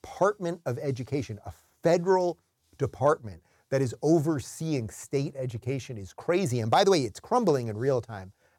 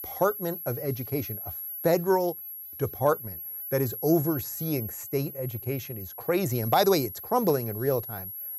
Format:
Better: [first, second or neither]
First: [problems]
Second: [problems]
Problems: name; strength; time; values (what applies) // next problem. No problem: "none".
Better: first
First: none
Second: high-pitched whine; loud; throughout; 11.5 kHz, 8 dB below the speech